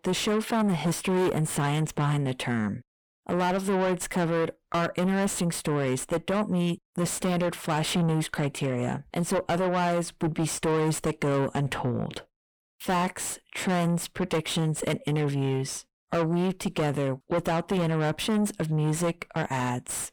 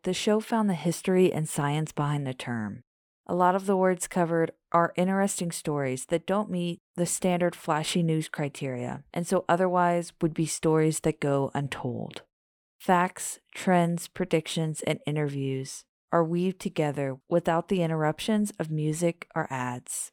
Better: second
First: distortion; heavy; 5 dB below the speech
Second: none

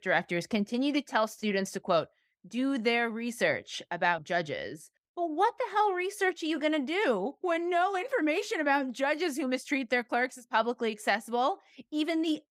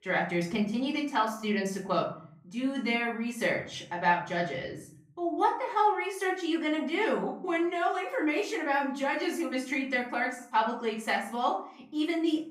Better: first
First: none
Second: off-mic speech; far // room echo; slight; dies away in 0.6 s

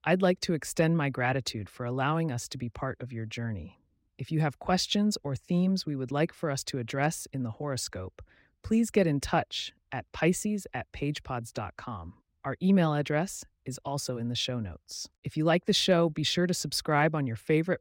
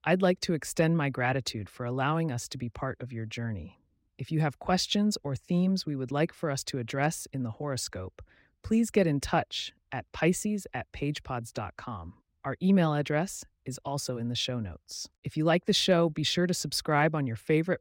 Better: neither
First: none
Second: none

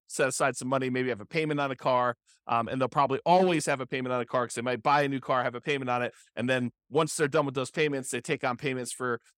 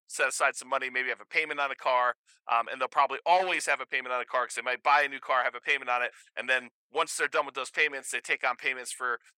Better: first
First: none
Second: thin; very; fading below 750 Hz

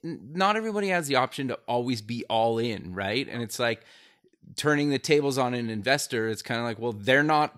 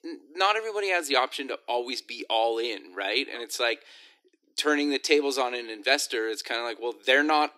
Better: first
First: none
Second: thin; very slightly; fading below 300 Hz

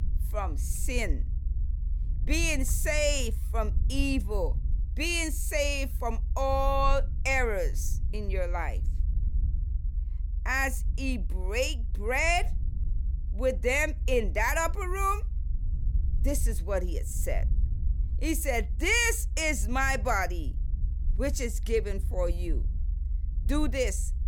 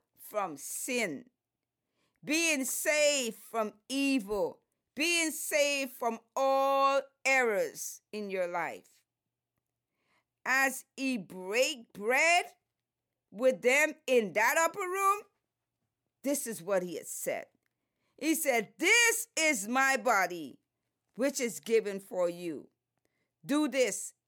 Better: second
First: low rumble; faint; throughout; 25 dB below the speech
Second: none

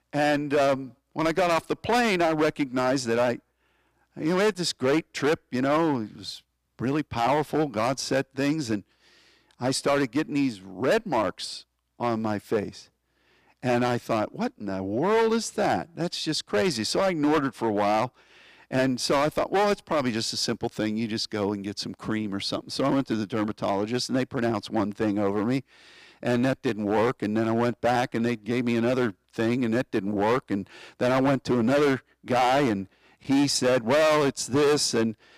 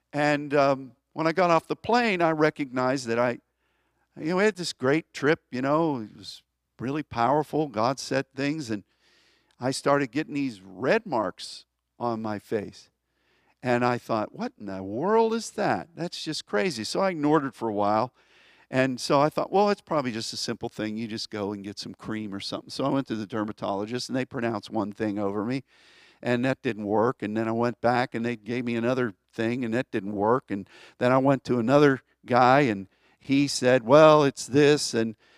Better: second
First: distortion; heavy; 8% of the sound clipped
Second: none

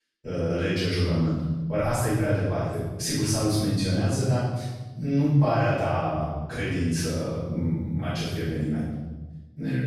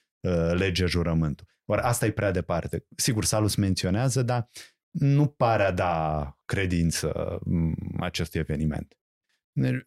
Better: second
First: room echo; strong; dies away in 1.1 s // off-mic speech; far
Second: none

